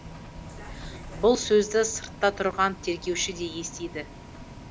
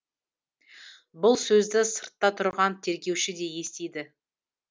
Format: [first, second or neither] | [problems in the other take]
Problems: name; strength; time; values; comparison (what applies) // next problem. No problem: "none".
second | background sound (Bus); 14 dB below the speech